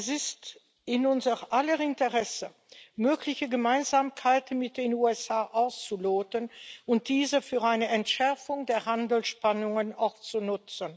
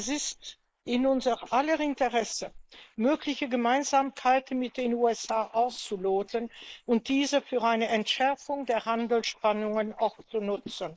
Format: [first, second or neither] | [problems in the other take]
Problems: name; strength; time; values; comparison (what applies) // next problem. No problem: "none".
first | noise reduction (neural mask model Resemble Enhance denoiser)